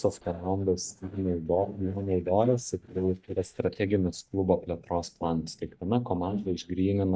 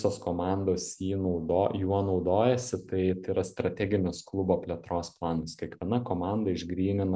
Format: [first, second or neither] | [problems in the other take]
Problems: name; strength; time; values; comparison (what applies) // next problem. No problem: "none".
second | noise reduction (neural mask model DeepFilterNet 3)